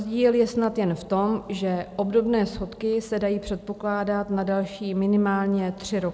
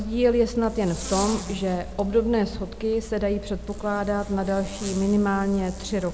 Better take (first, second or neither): first